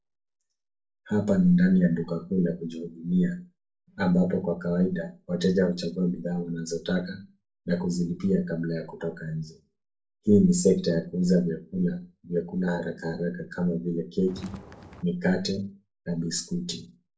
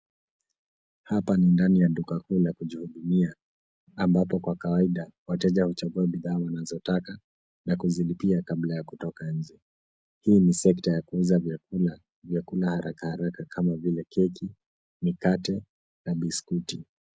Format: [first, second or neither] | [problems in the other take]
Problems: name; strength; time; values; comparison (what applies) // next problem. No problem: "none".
second | noise reduction (neural separator model SepFormer DNS4)